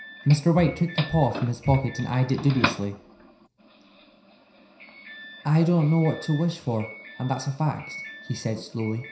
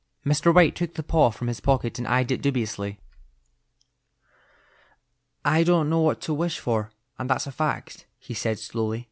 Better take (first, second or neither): second